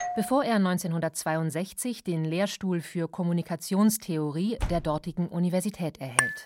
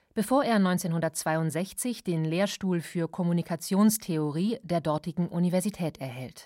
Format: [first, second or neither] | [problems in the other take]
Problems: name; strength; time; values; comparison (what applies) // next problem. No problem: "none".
second | doorbell; noticeable; at the start; peak 6 dB below the speech // door banging; noticeable; at 4.5 s; peak 8 dB below the speech // clattering dishes; very faint; at 6 s; peak 3 dB above the speech